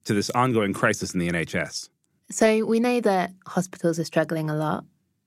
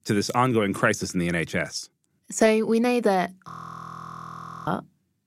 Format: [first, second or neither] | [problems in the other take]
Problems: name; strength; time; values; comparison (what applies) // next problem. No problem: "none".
first | audio freezing; at 3.5 s for 1 s